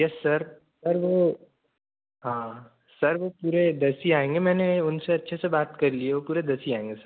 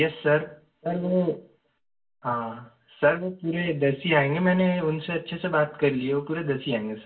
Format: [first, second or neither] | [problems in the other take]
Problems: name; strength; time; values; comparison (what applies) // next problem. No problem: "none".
first | room echo; dies away in 0.2 s